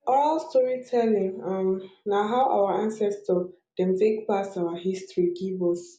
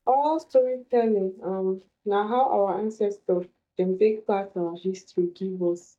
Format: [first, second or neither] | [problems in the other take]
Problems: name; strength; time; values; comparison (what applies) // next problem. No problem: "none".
first | noise reduction (neural mask model DeepFilterNet 3)